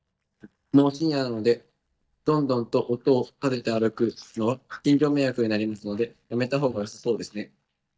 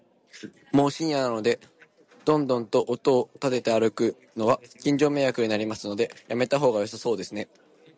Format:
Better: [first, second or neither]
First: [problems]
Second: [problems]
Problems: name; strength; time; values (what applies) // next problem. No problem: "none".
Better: second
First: noise reduction (neural mask model DeepFilterNet 3)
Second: none